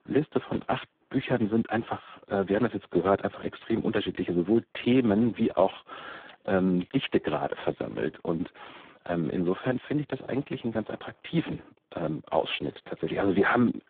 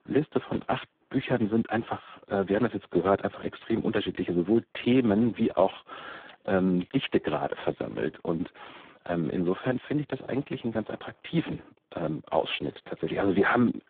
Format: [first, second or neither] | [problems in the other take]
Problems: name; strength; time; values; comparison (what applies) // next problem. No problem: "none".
neither | phone-call audio; poor line; the same in both